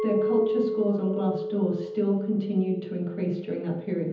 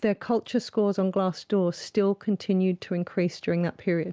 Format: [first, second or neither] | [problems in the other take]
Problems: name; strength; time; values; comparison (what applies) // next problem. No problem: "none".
second | background sound (Chink, clink); 5 dB below the speech // room echo; dies away in 1.3 s